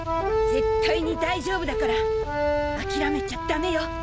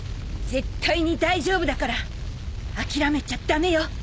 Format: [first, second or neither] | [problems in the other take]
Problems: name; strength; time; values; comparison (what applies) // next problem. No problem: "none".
second | background sound (Accordion); 3 dB above the speech